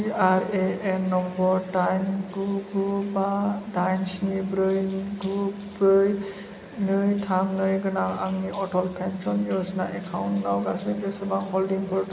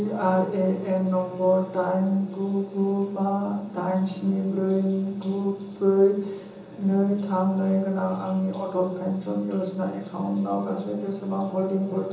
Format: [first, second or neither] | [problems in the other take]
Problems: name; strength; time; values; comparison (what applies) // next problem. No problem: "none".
first | room echo; dies away in 0.6 s